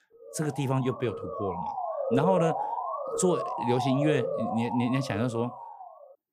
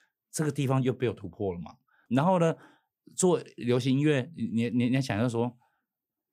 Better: second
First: siren; loud; peak 1 dB above the speech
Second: none

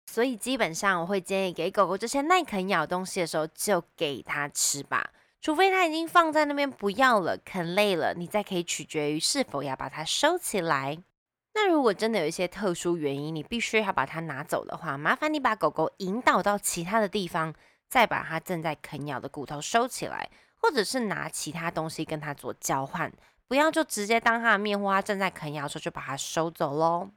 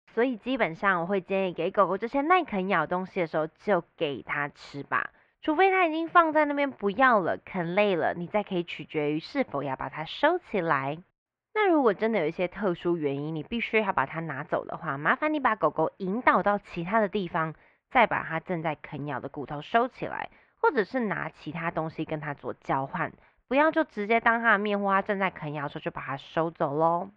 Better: first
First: none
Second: muffled; very; fading above 2.5 kHz

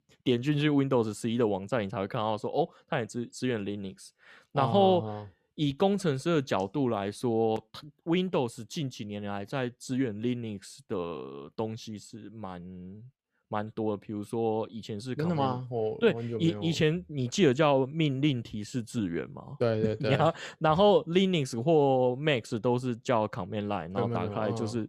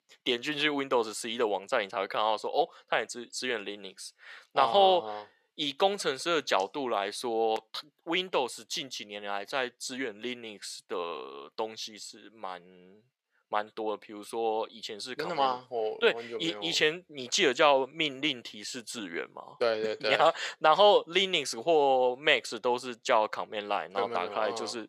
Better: first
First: none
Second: thin; very; fading below 600 Hz

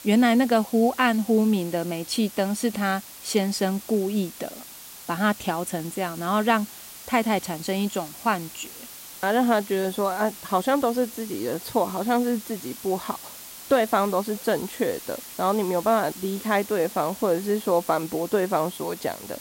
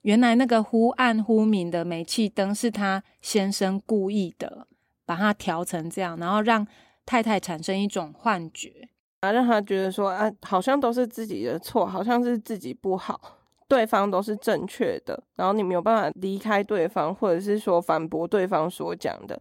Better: second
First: hiss; noticeable; throughout; 15 dB below the speech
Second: none

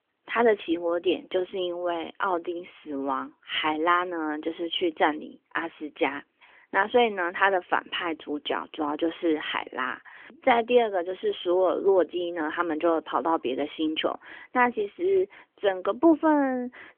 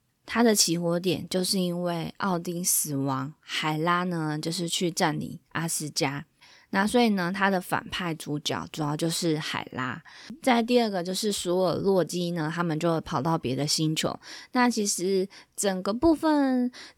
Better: second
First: phone-call audio; nothing above 3.5 kHz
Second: none

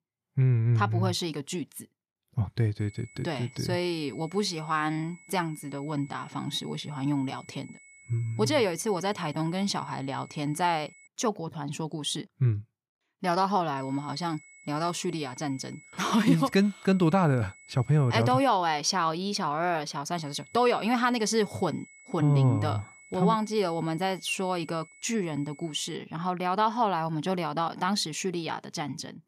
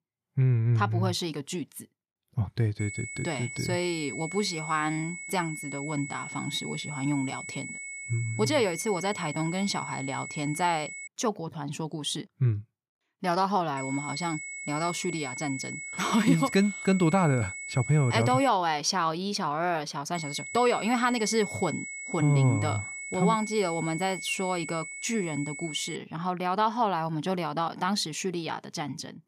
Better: first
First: high-pitched whine; faint; from 3 to 11 s, from 14 to 18 s and from 20 to 26 s; 2 kHz, 25 dB below the speech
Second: high-pitched whine; loud; from 3 to 11 s, from 14 to 18 s and from 20 to 26 s; 2 kHz, 8 dB below the speech

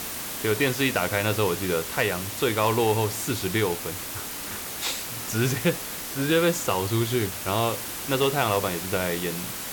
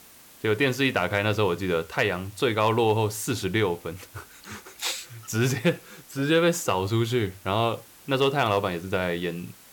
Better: second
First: hiss; loud; throughout; 6 dB below the speech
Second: hiss; faint; throughout; 25 dB below the speech

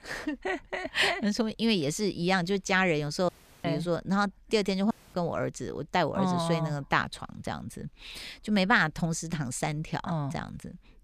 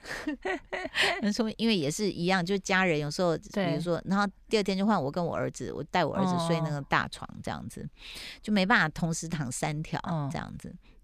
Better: second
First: audio cutting out; at 3.5 s and at 5 s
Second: none

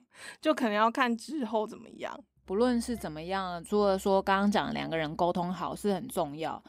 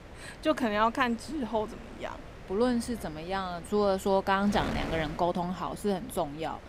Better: first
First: none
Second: wind noise on the microphone; occasional gusts; 15 dB below the speech

